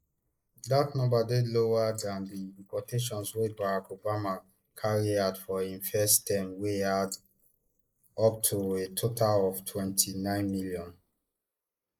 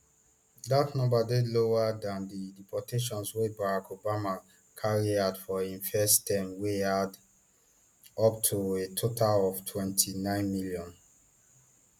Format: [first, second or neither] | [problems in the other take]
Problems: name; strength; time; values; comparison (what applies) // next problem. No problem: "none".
second | noise reduction (neural mask model Resemble Enhance denoiser)